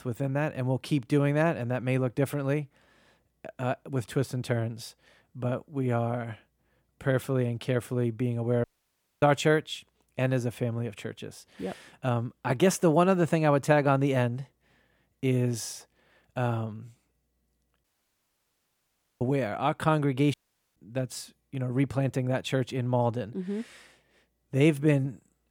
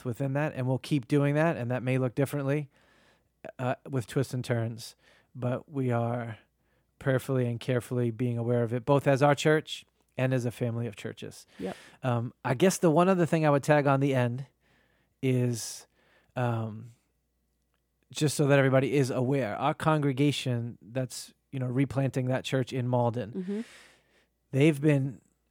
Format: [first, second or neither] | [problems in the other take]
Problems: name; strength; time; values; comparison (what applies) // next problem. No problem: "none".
second | audio cutting out; at 8.5 s for 0.5 s, at 18 s for 1.5 s and at 20 s